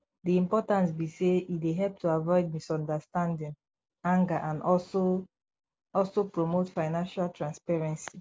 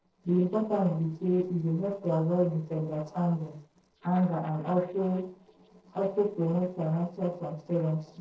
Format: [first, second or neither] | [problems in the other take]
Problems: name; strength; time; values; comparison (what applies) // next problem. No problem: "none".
first | noise reduction (neural separator model SepFormer DNS4)